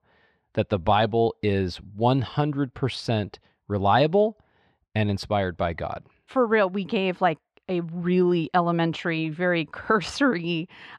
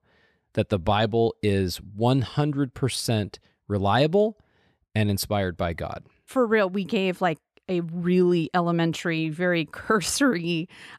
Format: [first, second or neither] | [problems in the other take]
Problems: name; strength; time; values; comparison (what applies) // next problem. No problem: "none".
second | muffled; very slightly; fading above 3.5 kHz